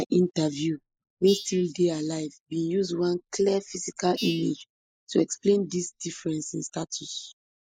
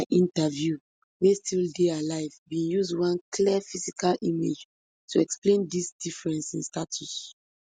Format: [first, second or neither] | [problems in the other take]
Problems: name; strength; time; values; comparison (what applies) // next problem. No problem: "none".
second | noise reduction (neural mask model Resemble Enhance denoiser)